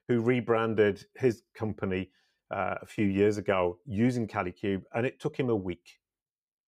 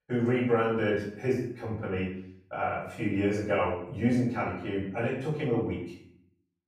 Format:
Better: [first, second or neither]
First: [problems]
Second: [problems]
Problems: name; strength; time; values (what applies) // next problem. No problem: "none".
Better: first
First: none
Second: off-mic speech; far // room echo; noticeable; dies away in 0.5 s